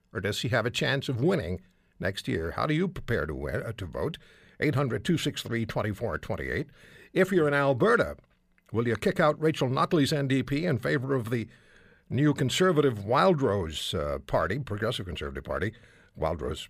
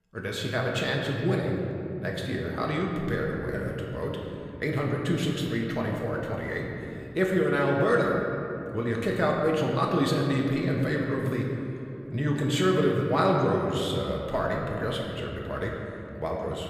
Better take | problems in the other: first | room echo; noticeable; dies away in 2.6 s // off-mic speech; somewhat distant

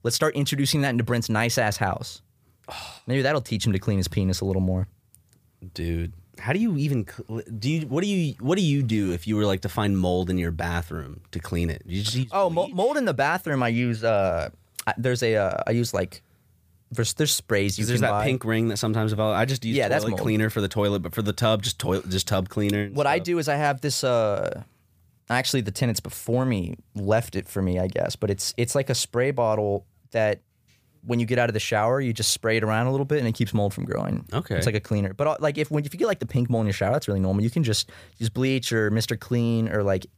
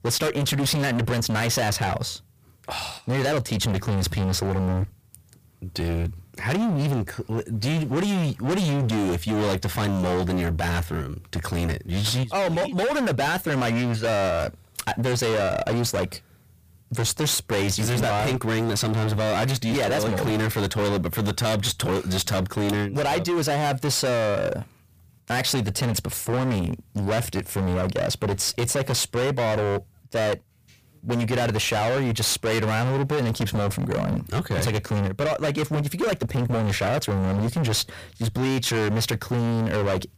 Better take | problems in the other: first | distortion; heavy; 34% of the sound clipped

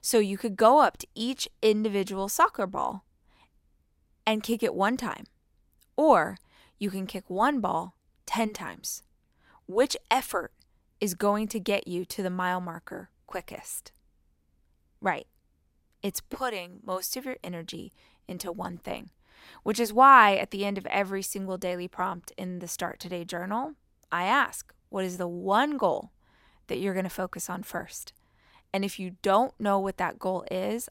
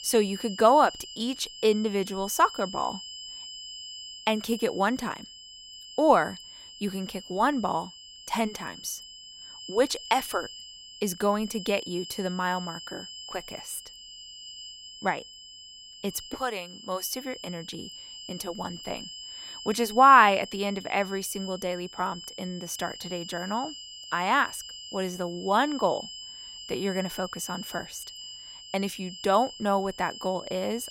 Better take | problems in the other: first | high-pitched whine; noticeable; throughout; 3 kHz, 15 dB below the speech

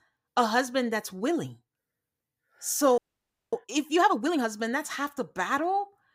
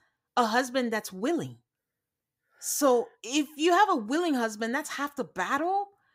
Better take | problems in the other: second | audio freezing; at 3 s for 0.5 s

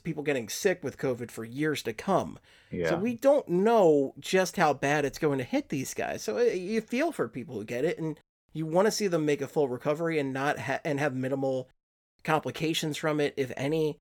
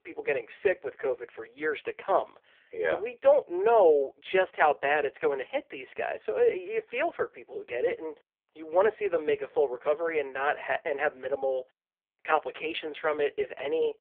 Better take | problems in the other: first | phone-call audio; poor line; nothing above 3.5 kHz

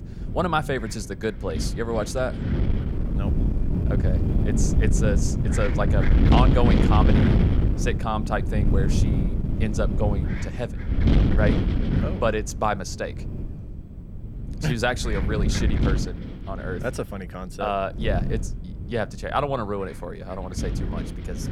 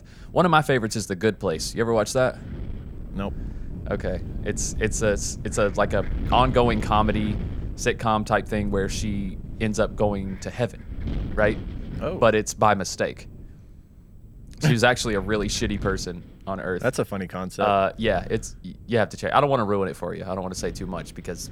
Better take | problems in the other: second | wind noise on the microphone; heavy; 5 dB below the speech; occasional gusts in the second

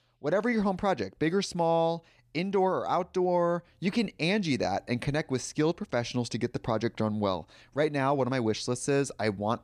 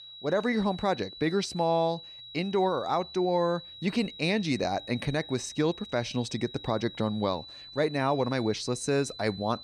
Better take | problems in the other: first | high-pitched whine; noticeable; throughout; 4 kHz, 15 dB below the speech

